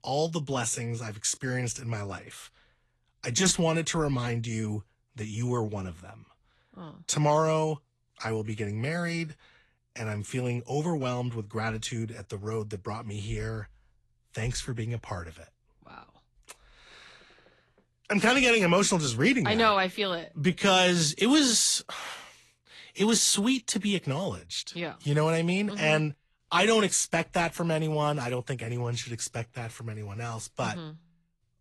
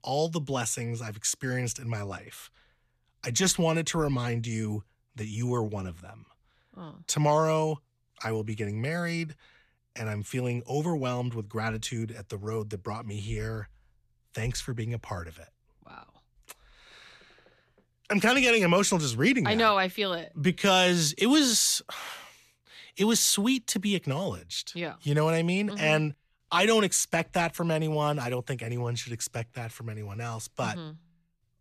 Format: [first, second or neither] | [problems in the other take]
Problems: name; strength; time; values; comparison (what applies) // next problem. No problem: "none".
second | garbled, watery; slightly; nothing above 11 kHz